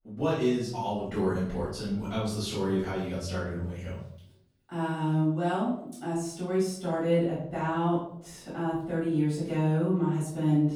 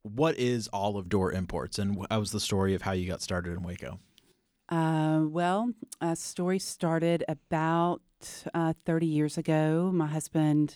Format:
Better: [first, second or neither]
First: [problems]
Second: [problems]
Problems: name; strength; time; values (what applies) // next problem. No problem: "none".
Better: second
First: off-mic speech; far // room echo; noticeable; dies away in 0.6 s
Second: none